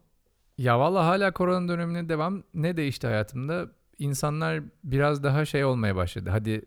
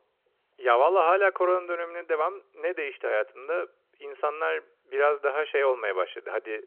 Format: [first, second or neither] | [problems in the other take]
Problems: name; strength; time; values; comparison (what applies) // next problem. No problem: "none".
first | phone-call audio